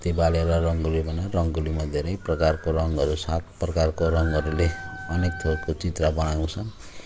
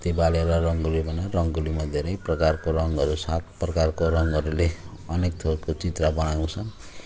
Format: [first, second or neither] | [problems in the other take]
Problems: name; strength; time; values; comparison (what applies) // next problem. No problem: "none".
second | background sound (Wind instrument, woodwind instrument); 14 dB below the speech